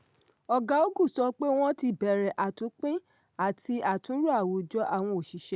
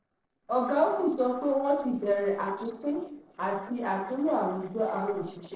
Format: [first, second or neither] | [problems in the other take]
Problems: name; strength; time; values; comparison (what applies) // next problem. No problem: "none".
first | noise reduction (neural separator model SepFormer DNS4)